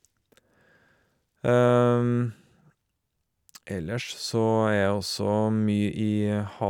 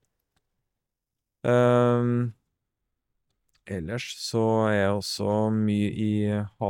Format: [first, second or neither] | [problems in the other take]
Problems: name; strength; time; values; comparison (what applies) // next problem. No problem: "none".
first | noise reduction (neural mask model DeepFilterNet 3)